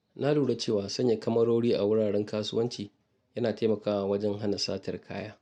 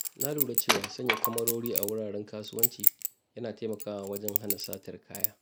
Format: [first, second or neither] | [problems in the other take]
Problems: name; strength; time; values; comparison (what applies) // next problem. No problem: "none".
first | background sound (Chink, clink + Wood); 4 dB above the speech